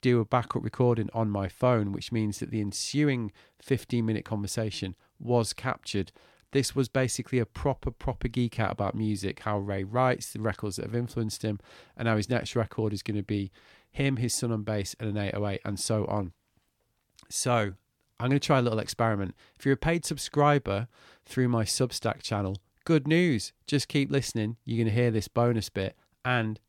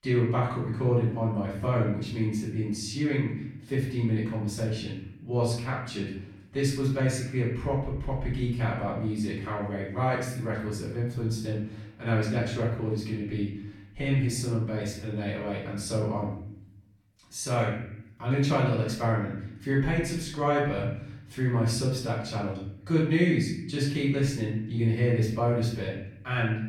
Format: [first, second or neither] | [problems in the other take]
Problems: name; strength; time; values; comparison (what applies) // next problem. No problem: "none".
first | off-mic speech; far // room echo; noticeable; dies away in 0.8 s